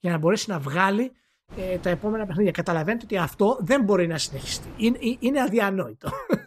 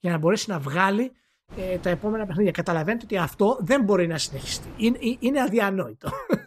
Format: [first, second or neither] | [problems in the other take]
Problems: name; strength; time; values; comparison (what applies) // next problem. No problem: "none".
neither | wind noise on the microphone; occasional gusts; from 1.5 to 5.5 s; 25 dB below the speech; the same in both